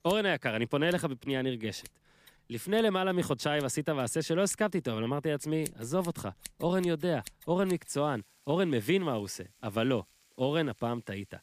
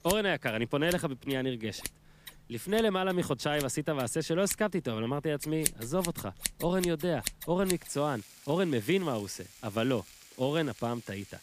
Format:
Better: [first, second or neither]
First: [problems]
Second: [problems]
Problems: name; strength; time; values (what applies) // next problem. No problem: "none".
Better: first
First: household noises; faint; throughout; 20 dB below the speech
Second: household noises; loud; throughout; 9 dB below the speech